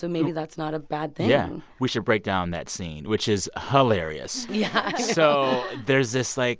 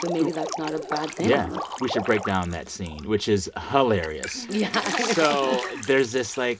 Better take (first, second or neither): first